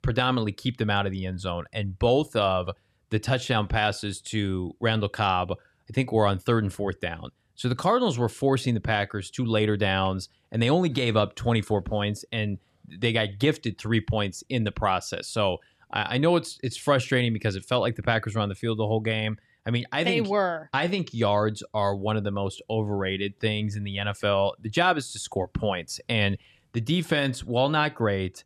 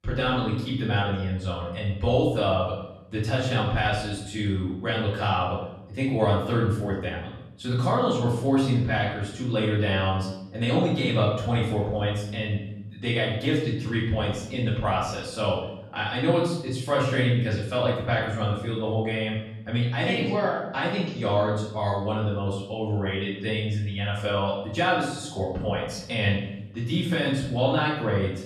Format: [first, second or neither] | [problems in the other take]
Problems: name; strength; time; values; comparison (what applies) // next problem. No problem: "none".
first | off-mic speech; far // room echo; noticeable; dies away in 0.8 s